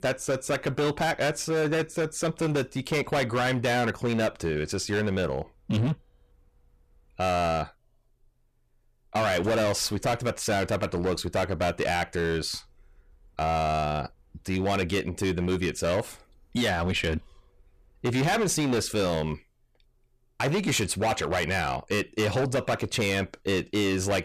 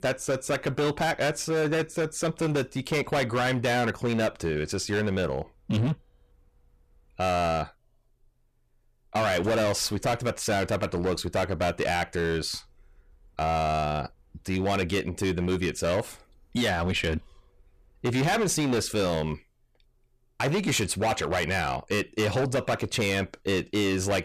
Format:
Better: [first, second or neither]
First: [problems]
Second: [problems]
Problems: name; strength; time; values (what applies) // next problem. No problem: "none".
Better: neither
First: distortion; heavy; 15% of the sound clipped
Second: distortion; heavy; 15% of the sound clipped